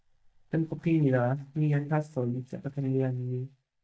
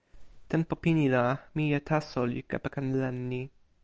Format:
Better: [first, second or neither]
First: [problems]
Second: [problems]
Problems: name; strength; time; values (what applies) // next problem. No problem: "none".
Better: second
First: noise reduction (neural mask model DeepFilterNet 3)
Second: none